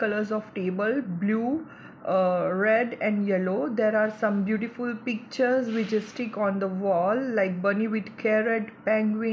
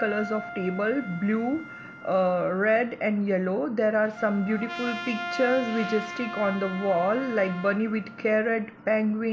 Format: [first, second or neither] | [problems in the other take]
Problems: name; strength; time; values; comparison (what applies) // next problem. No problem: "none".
first | background sound (Wind instrument, woodwind instrument + Trumpet); 12 dB below the speech